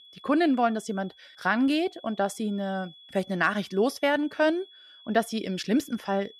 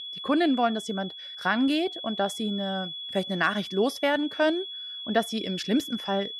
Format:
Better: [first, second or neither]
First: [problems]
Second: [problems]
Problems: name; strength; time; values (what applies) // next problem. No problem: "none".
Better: first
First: high-pitched whine; faint; throughout; 3.5 kHz, 25 dB below the speech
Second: high-pitched whine; loud; throughout; 3.5 kHz, 8 dB below the speech